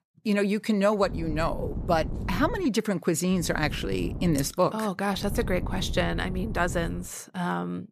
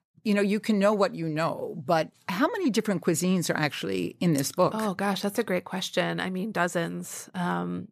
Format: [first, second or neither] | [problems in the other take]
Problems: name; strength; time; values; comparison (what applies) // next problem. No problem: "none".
second | wind noise on the microphone; occasional gusts; from 1 to 2.5 s, from 3.5 to 4.5 s and from 5 to 7 s; 15 dB below the speech